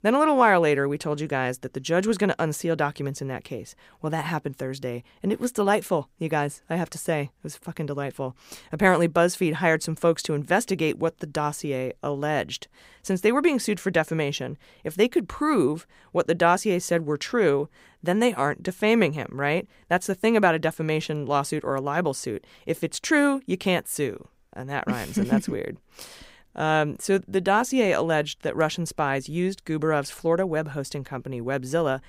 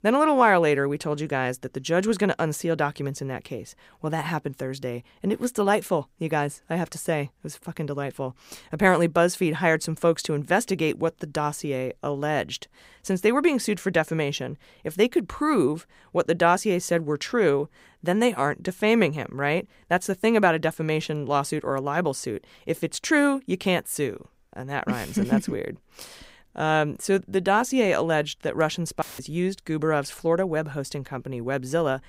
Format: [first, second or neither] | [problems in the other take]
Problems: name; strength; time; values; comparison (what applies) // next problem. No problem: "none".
first | audio cutting out; filled with static; at 29 s